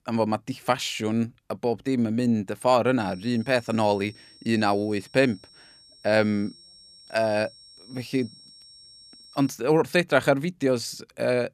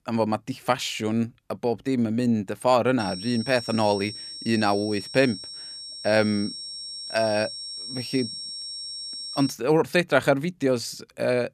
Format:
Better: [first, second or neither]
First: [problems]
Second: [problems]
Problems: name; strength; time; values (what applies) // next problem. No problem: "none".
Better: first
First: high-pitched whine; faint; from 3 to 9.5 s; 5.5 kHz, 25 dB below the speech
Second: high-pitched whine; loud; from 3 to 9.5 s; 5.5 kHz, 9 dB below the speech